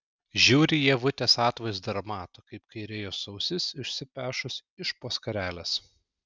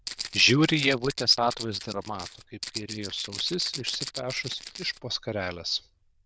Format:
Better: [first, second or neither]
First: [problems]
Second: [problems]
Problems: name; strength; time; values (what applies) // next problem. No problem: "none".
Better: first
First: none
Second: noise reduction (neural diffusion model UNIVERSE++)